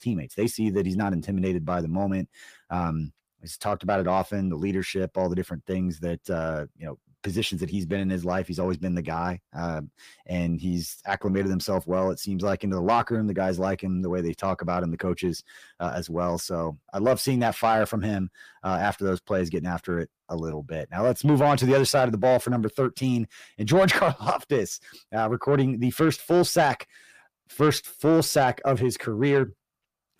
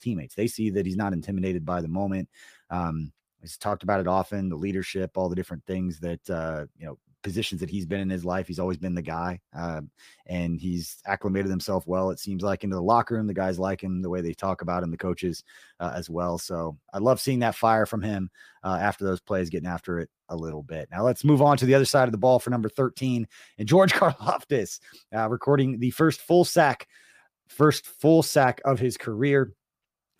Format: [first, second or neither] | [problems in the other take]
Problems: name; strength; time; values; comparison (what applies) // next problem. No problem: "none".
second | distortion; slight; 10 dB below the speech